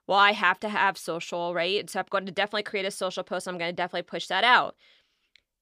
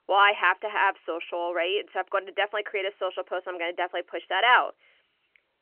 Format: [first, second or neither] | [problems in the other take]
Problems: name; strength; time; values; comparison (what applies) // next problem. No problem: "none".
first | phone-call audio; nothing above 3 kHz